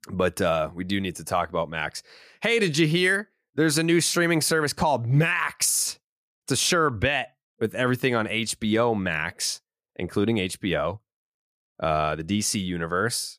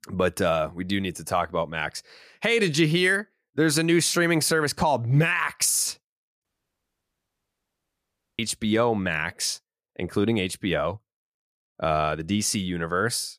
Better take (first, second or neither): first